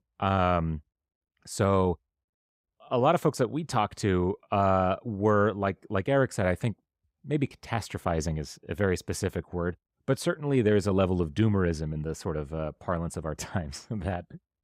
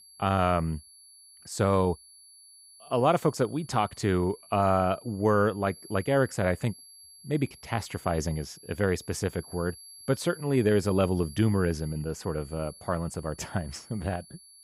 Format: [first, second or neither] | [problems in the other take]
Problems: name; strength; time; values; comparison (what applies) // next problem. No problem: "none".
first | high-pitched whine; faint; throughout; 4.5 kHz, 20 dB below the speech